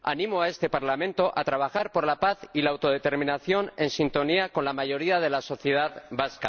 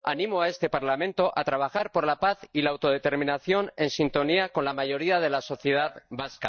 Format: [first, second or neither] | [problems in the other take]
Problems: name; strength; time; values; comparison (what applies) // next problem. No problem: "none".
first | noise reduction (neural mask model DeepFilterNet 3)